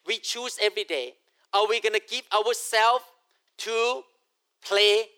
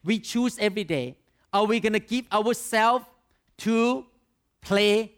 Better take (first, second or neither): second